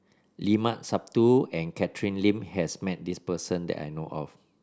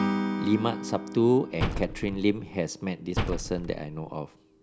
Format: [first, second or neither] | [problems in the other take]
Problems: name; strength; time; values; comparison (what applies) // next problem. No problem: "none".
first | background sound (Acoustic guitar / Strum + Slam); 4 dB below the speech